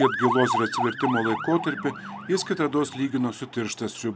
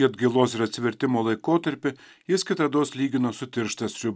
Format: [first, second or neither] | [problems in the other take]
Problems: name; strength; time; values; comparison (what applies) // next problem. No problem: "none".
second | background sound (Motor vehicle (road) / Siren); 5 dB below the speech